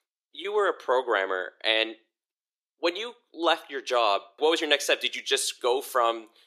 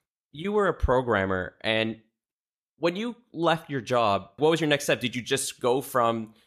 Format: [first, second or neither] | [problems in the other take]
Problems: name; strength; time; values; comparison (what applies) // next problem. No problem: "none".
second | thin; very; fading below 350 Hz